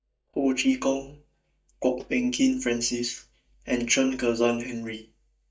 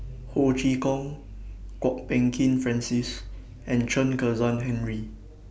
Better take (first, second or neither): second